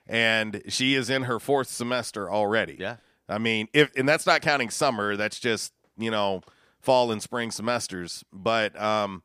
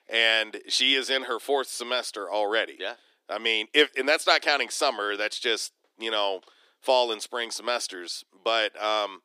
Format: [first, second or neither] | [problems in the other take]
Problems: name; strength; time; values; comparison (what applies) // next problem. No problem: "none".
first | thin; somewhat; fading below 300 Hz